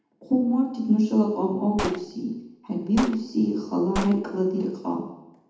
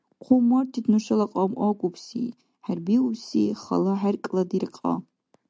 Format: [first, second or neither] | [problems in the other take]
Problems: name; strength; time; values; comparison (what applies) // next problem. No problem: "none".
second | background sound (Gunshot, gunfire); 12 dB below the speech // room echo; dies away in 0.8 s